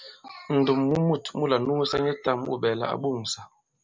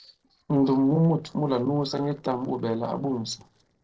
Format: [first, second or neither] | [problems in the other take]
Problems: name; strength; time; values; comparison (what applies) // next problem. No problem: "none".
first | noise reduction (neural separator model SepFormer DNS4)